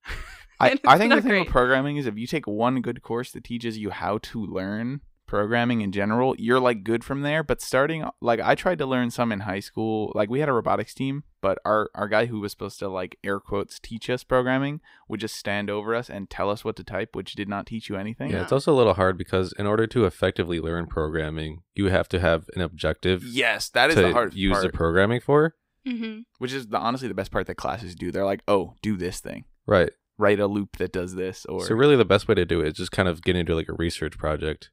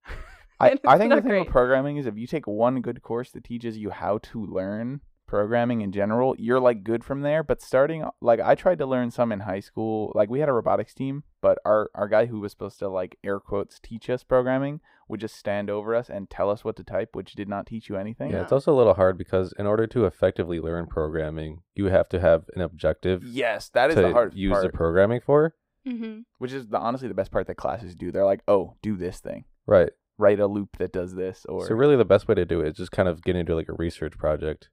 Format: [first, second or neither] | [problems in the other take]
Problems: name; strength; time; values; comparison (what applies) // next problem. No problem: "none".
first | muffled; slightly; fading above 1.5 kHz